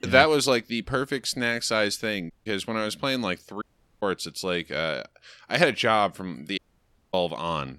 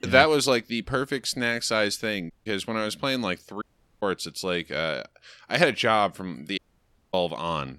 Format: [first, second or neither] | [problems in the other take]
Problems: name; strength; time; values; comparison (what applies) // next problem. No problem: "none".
neither | audio cutting out; at 2.5 s, at 3.5 s and at 6.5 s for 0.5 s; the same in both